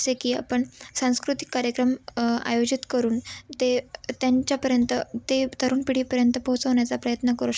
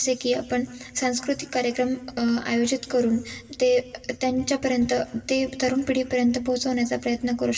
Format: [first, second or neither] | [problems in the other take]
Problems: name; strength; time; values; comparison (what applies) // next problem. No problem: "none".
first | room echo; dies away in 2.4 s